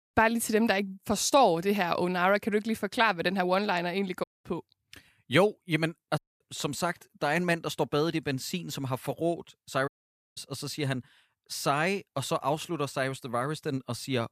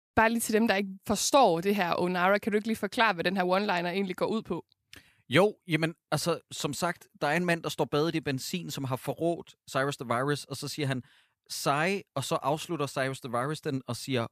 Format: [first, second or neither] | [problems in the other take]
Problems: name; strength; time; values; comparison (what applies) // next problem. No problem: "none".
second | audio cutting out; at 4 s, at 6 s and at 10 s